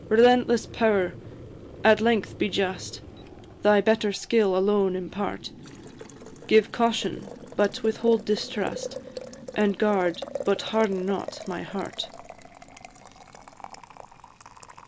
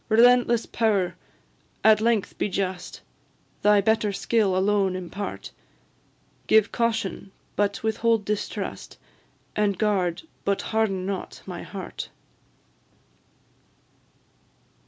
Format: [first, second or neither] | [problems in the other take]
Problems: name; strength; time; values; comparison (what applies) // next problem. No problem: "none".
second | background sound (Boiling); 15 dB below the speech